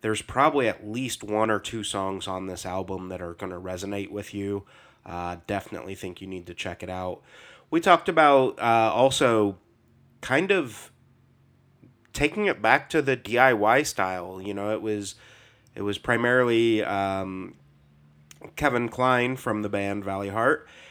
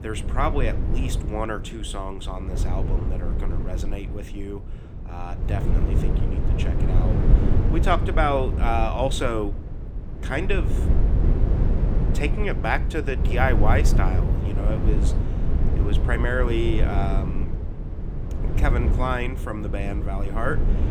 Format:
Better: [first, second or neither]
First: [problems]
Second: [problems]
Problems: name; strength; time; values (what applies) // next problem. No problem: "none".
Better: first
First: none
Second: low rumble; loud; throughout; 8 dB below the speech